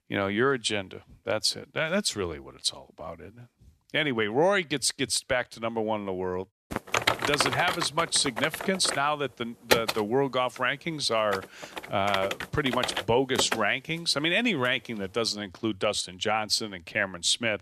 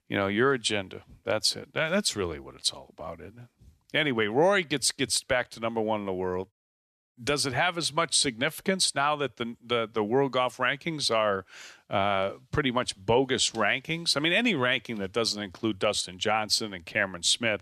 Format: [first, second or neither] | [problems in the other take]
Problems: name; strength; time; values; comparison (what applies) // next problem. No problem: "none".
second | keyboard typing; loud; from 6.5 to 14 s; peak 2 dB above the speech